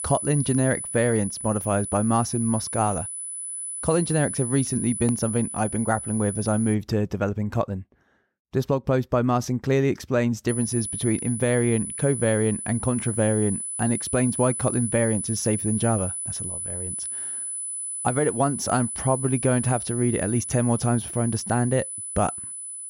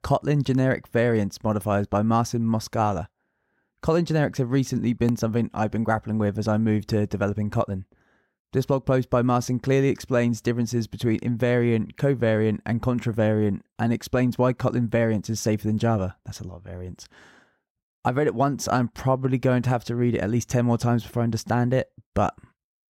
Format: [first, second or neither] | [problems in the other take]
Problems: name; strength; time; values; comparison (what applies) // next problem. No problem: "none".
second | high-pitched whine; loud; until 6.5 s and from 10 s on; 10 kHz, 5 dB below the speech